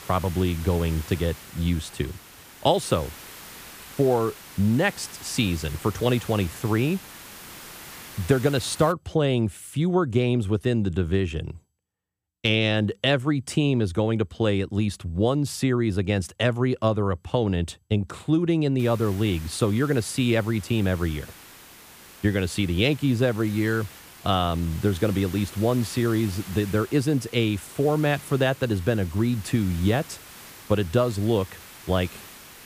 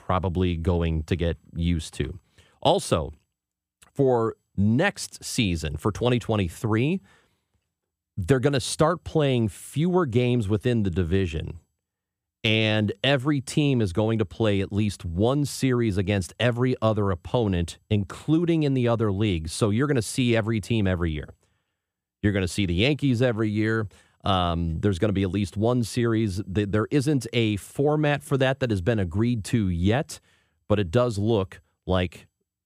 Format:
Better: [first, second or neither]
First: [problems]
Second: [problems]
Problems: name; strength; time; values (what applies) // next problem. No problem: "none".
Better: second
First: hiss; noticeable; until 9 s and from 19 s on; 15 dB below the speech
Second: none